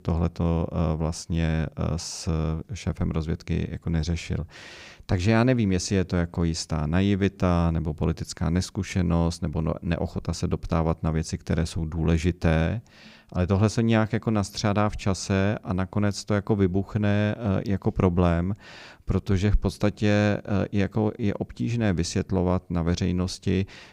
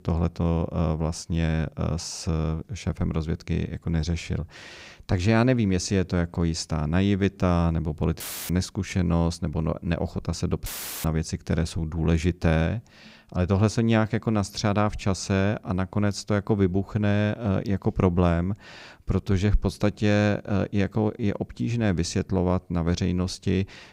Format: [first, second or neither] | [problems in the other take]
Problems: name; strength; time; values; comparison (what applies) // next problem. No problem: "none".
first | audio cutting out; filled with static; at 8 s and at 11 s